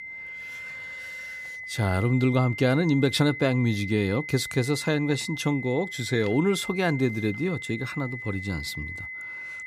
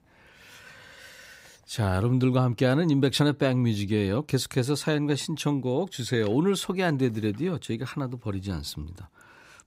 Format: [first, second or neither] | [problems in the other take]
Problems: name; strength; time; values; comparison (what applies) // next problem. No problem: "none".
second | high-pitched whine; loud; throughout; 2 kHz, 9 dB below the speech